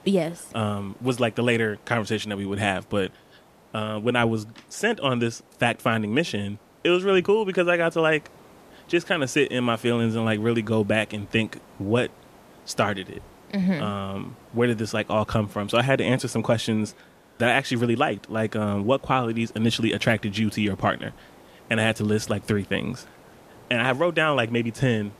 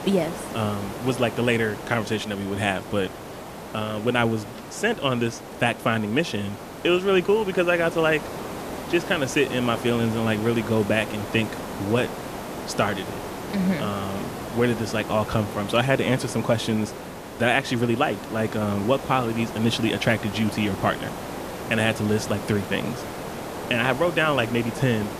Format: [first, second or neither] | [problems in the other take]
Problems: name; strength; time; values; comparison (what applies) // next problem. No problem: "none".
first | hiss; loud; throughout; 10 dB below the speech; faint in the first